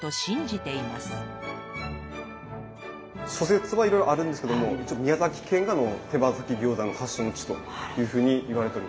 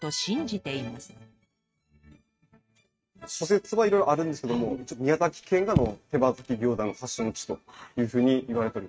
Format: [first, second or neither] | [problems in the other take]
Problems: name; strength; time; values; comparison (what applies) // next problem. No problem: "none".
first | noise reduction (neural mask model RNNoise)